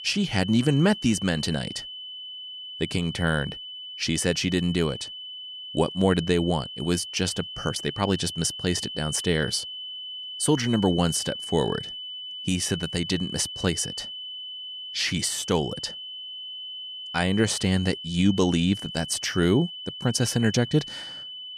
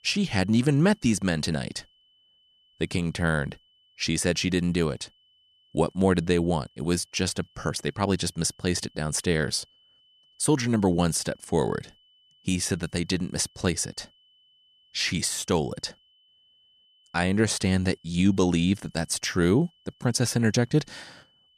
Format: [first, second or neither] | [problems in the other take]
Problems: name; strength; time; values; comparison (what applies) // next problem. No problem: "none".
second | high-pitched whine; loud; throughout; 3 kHz, 9 dB below the speech; faint in the second